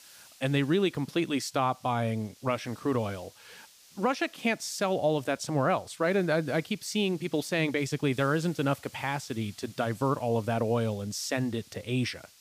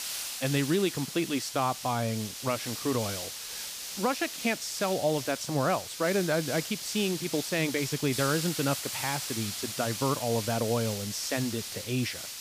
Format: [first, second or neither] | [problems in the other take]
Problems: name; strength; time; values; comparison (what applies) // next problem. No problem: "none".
first | hiss; loud; throughout; 5 dB below the speech; faint in the first